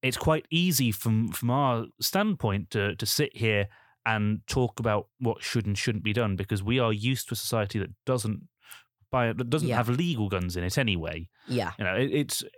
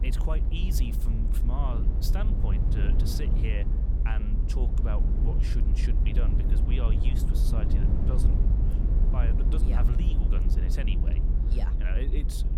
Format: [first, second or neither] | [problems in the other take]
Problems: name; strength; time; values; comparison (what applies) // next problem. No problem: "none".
first | low rumble; loud; throughout; 1 dB below the speech